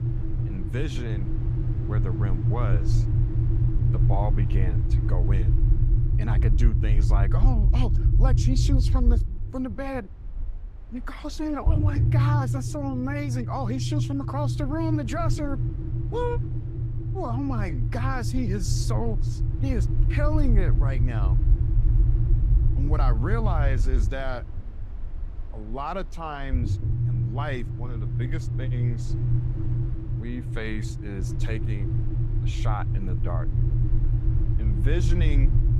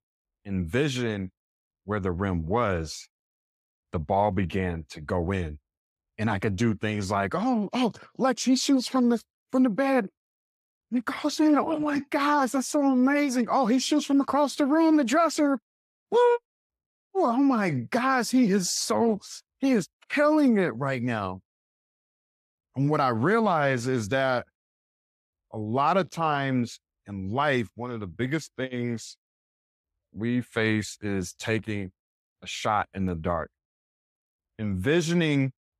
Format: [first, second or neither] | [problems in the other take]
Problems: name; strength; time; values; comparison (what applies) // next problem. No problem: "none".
second | low rumble; loud; throughout; 5 dB below the speech